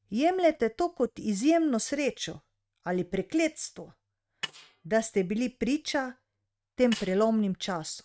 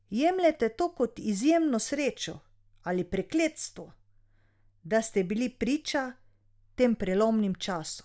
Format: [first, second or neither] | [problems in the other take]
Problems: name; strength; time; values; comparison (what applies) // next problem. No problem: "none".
second | noise reduction (neural mask model RNNoise)